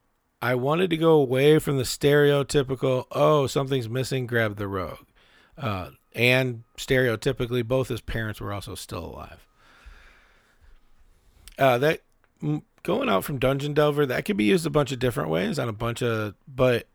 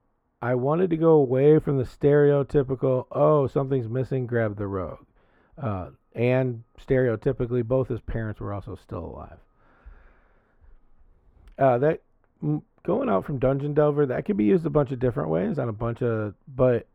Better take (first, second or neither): first